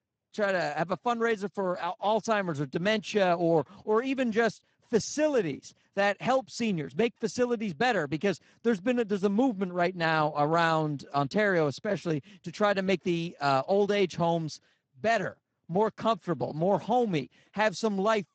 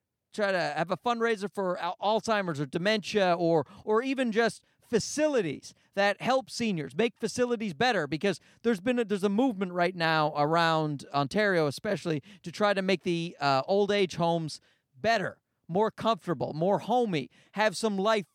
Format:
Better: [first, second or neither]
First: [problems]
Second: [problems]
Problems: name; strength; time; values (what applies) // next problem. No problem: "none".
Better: second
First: garbled, watery; badly; nothing above 7.5 kHz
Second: none